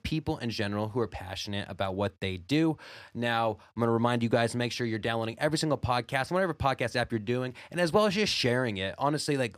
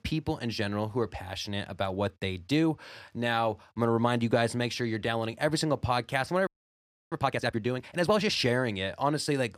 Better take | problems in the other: first | audio freezing; at 6.5 s for 0.5 s

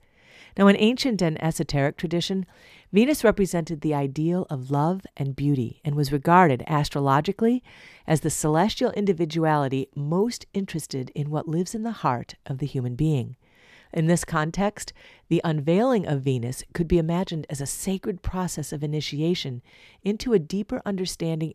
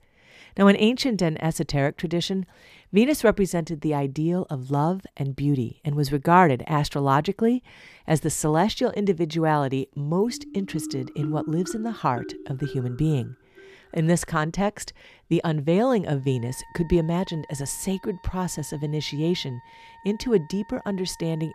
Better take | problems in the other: first | background music; noticeable; from 10 s on; 15 dB below the speech

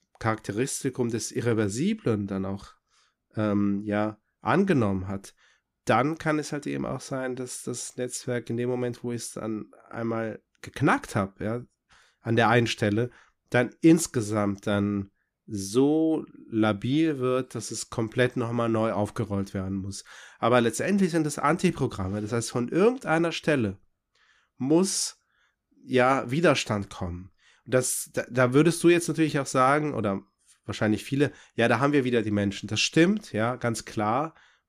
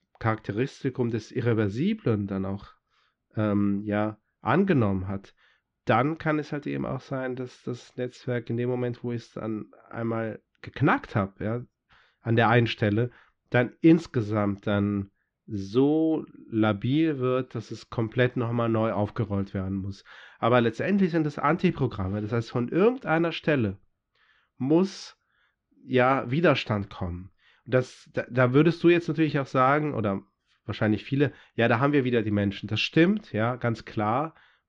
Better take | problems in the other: first | muffled; slightly; fading above 4 kHz

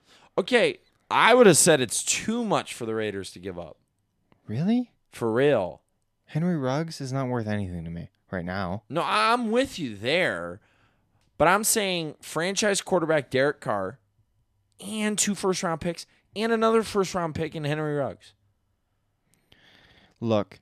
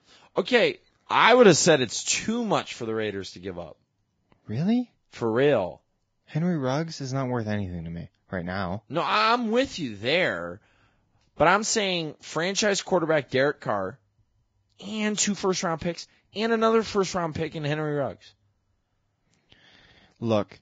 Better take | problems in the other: first | garbled, watery; badly; nothing above 7.5 kHz

